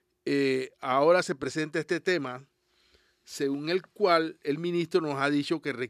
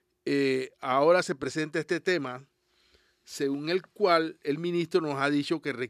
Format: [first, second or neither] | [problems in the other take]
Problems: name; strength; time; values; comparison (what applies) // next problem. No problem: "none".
neither | none